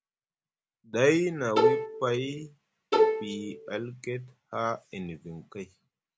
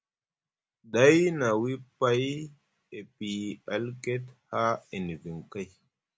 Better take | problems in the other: second | background sound (Bowed string instrument); 5 dB above the speech

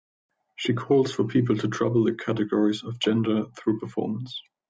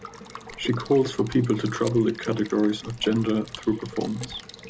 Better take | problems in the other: first | background sound (Water tap, faucet / Water / Liquid + Camera); 16 dB below the speech

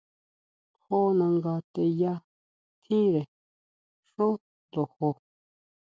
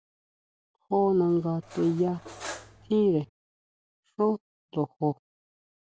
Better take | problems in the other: first | background sound (Cutlery, silverware); 16 dB below the speech

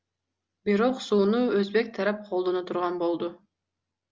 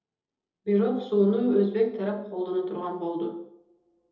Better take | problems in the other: first | room echo; dies away in 0.7 s

